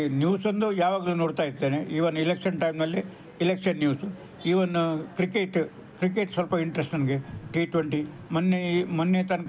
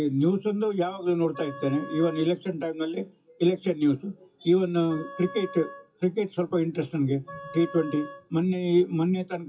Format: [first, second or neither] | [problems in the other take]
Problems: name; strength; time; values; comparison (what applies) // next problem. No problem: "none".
first | noise reduction (classical method WPE with log-MMSE)